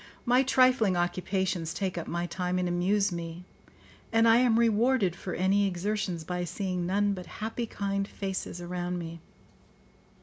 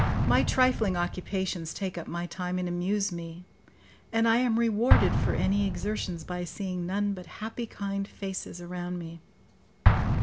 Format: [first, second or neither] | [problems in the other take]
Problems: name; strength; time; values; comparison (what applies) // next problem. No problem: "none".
first | background sound (Explosion); 1 dB below the speech